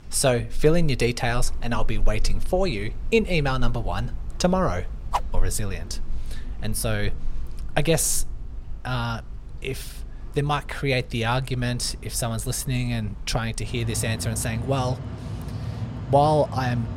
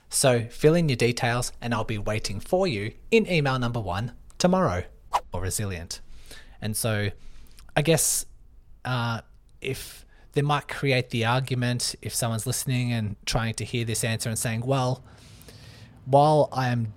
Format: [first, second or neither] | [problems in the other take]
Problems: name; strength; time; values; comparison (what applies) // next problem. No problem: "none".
second | machinery noise; loud; throughout; 10 dB below the speech; faint in the second